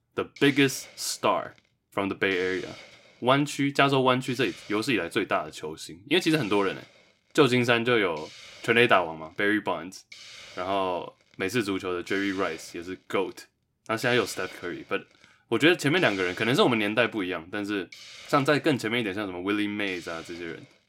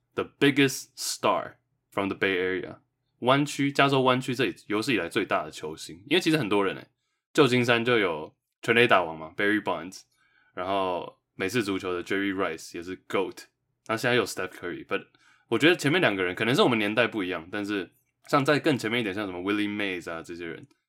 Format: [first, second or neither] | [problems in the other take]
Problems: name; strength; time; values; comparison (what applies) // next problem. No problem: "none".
second | hiss; noticeable; throughout; 20 dB below the speech